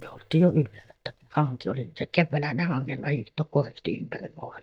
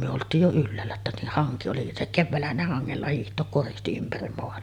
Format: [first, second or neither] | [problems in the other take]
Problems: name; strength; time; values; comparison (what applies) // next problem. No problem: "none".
second | noise reduction (neural mask model DeepFilterNet 3)